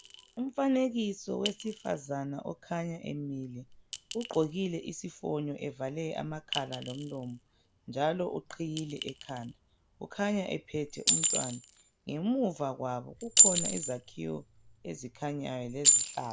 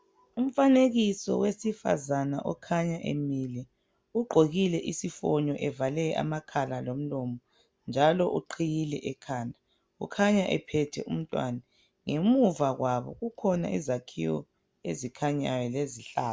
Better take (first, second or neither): second